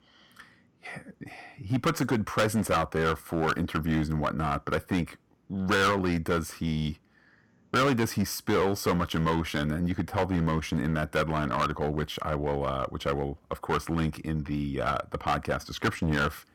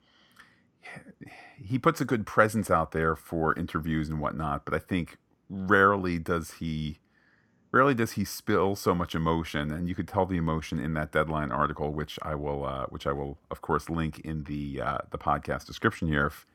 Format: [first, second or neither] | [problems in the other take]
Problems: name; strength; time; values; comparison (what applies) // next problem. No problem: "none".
second | distortion; heavy; 8% of the sound clipped